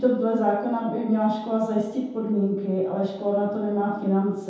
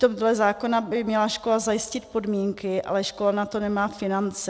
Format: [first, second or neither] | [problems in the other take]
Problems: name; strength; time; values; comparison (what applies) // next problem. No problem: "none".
second | room echo; dies away in 0.8 s